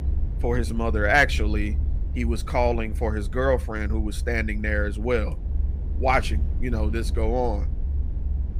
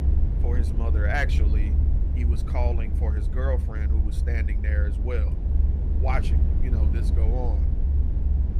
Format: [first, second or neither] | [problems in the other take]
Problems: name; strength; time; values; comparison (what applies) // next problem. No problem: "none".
first | low rumble; loud; throughout; 7 dB below the speech; faint in the first